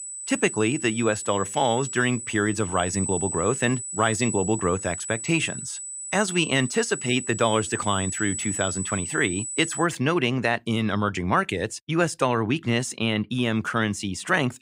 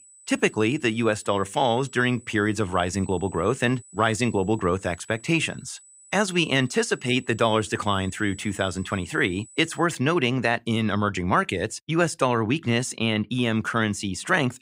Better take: second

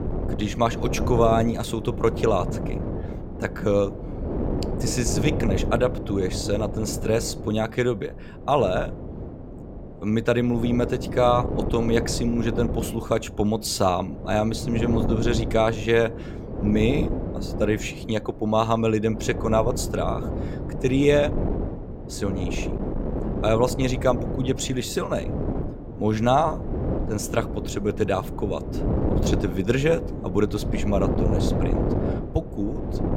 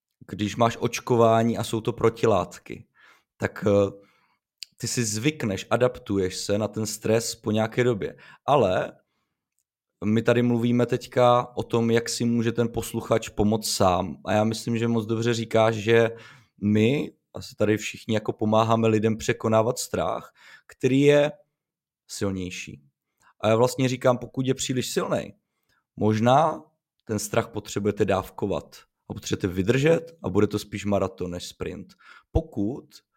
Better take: second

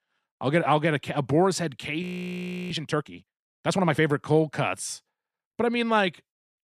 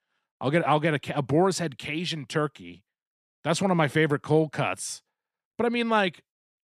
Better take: second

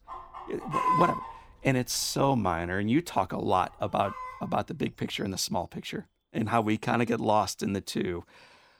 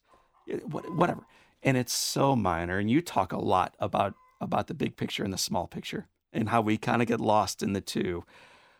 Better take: second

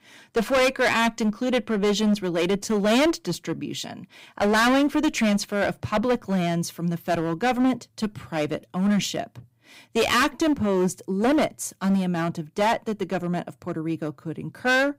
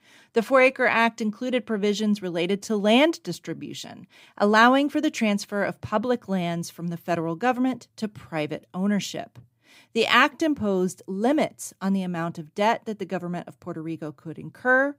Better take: second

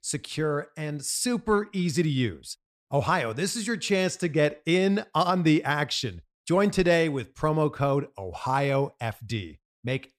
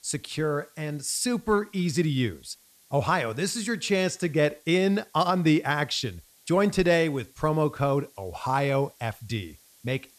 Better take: first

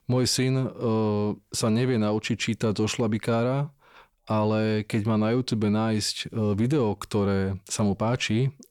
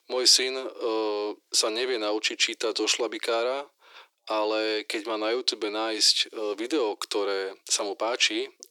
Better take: first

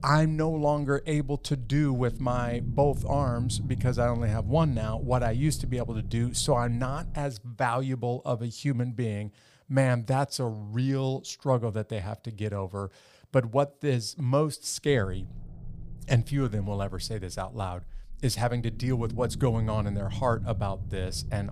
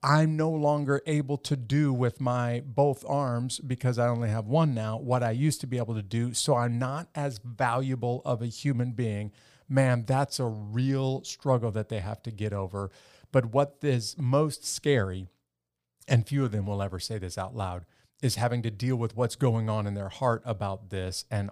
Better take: second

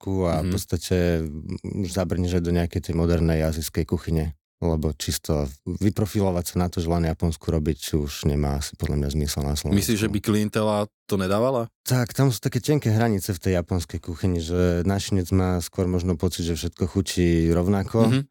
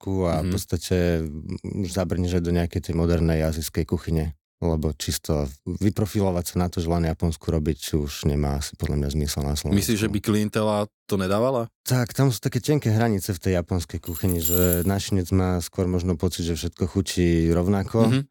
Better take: first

